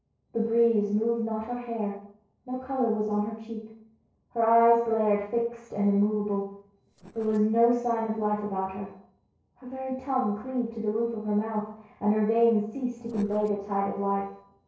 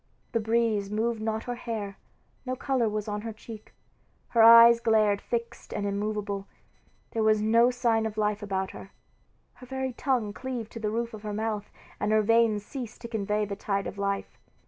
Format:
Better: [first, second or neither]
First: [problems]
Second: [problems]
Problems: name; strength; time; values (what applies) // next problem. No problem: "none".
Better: second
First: noise reduction (neural separator model SepFormer DNS4)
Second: none